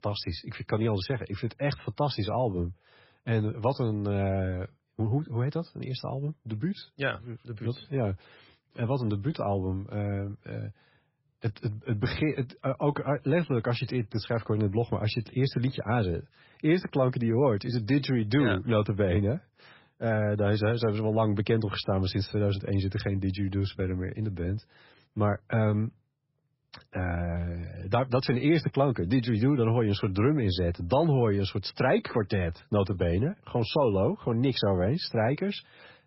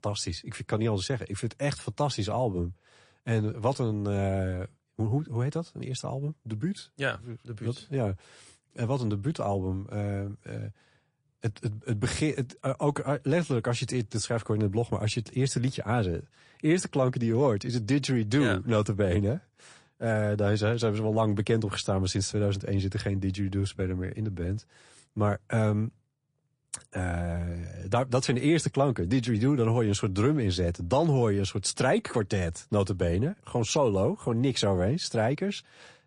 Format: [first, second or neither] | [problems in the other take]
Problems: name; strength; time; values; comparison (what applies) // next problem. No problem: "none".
second | garbled, watery; badly; nothing above 5.5 kHz; slightly in the second